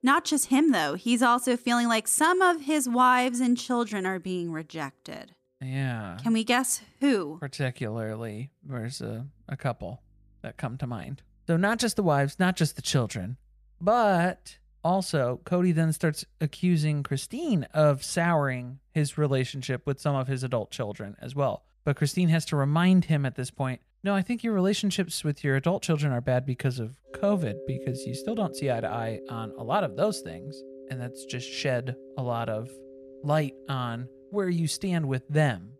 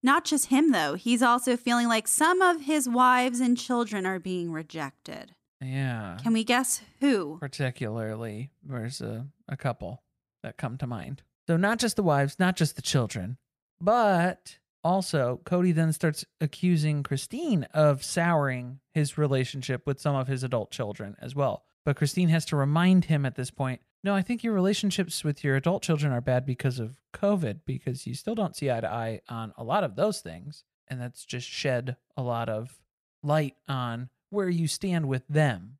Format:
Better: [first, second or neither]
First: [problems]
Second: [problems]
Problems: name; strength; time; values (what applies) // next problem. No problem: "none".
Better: second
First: background music; noticeable; throughout; 20 dB below the speech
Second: none